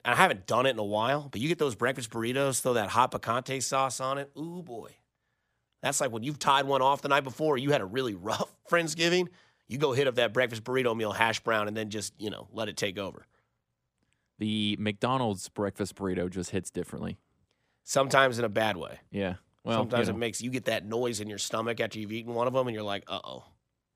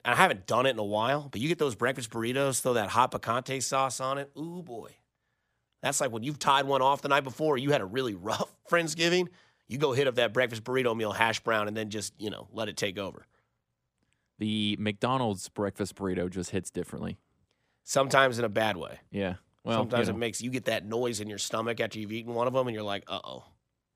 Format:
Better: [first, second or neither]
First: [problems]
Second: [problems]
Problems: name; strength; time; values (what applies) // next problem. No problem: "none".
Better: neither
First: none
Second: none